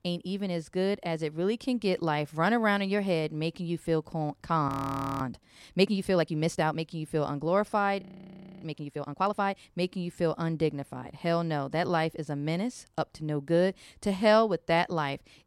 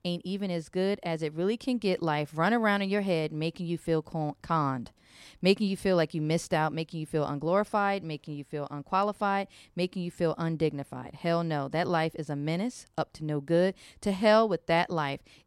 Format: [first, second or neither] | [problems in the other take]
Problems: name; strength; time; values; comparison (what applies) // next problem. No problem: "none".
second | audio freezing; at 4.5 s for 0.5 s and at 8 s for 0.5 s